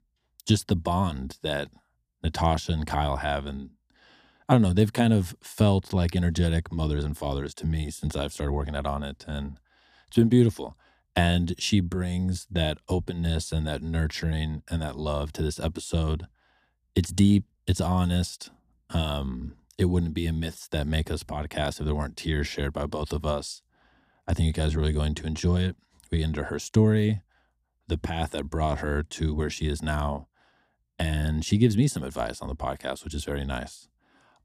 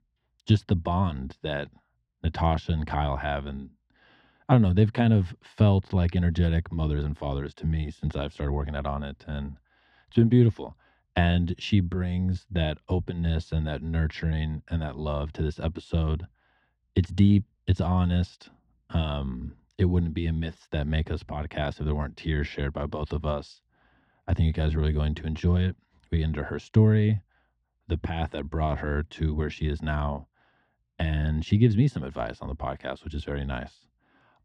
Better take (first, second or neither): first